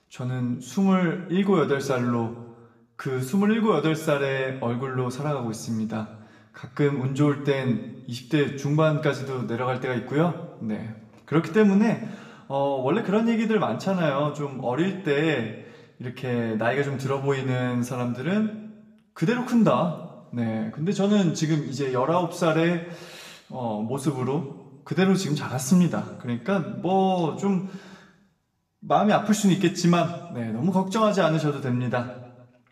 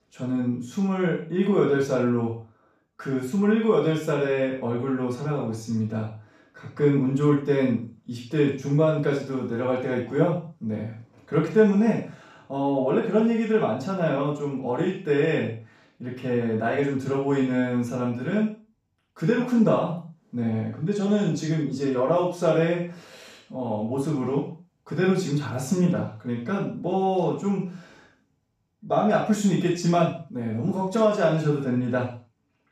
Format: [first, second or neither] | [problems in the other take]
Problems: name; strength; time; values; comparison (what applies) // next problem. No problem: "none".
first | room echo; strong; dies away in 0.4 s; slight in the first // off-mic speech; far; somewhat distant in the first